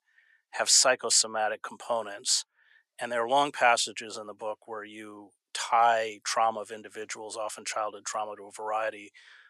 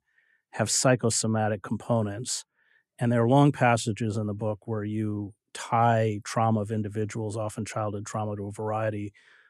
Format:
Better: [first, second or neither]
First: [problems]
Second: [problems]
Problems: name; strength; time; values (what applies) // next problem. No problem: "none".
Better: second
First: thin; very; fading below 800 Hz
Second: none